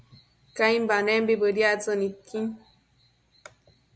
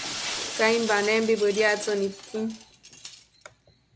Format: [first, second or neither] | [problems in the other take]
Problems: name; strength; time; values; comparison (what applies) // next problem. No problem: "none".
first | background sound (Shatter); 10 dB below the speech